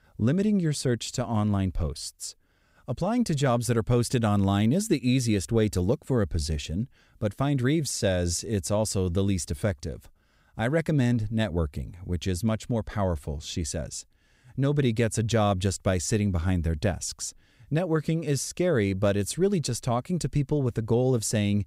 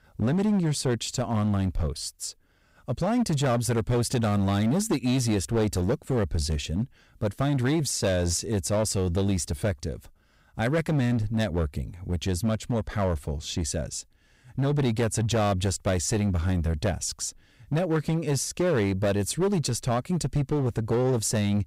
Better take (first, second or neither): first